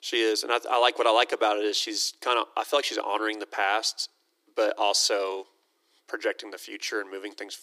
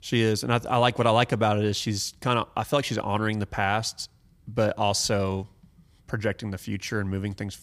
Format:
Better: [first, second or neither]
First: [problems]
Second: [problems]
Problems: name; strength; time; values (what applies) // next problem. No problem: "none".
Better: second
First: thin; very; fading below 300 Hz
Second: none